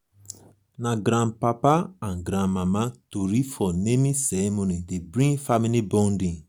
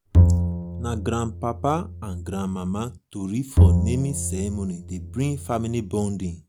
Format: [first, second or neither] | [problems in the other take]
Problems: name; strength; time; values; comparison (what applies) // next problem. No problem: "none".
first | background sound (Bowed string instrument); 4 dB above the speech